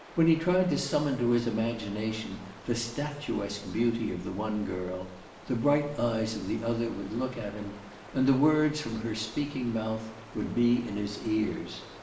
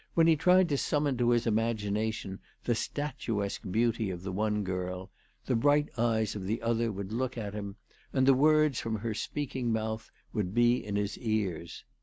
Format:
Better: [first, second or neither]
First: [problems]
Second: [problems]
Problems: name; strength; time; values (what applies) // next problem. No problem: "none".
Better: second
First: background sound (Stream); 19 dB below the speech // room echo; dies away in 1 s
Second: none